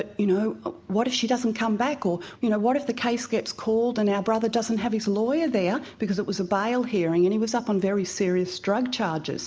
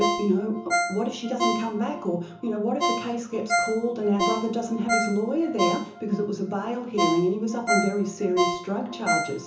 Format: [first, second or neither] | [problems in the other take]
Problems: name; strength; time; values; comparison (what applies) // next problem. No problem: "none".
first | background sound (Ringtone); 2 dB below the speech // room echo; dies away in 0.8 s